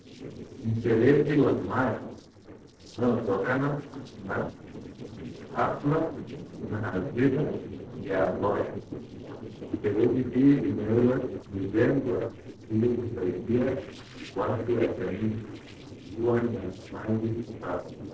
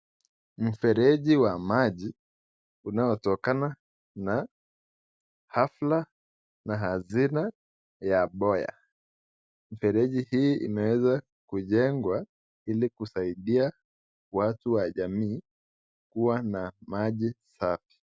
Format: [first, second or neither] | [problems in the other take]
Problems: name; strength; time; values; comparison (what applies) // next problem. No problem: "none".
second | noise reduction (neural separator model SepFormer DNS4)